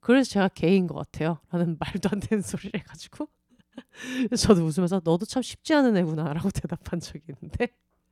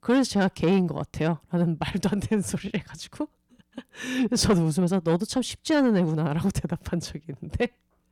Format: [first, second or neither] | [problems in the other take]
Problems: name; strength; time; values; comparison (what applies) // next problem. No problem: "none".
first | distortion; slight; 10 dB below the speech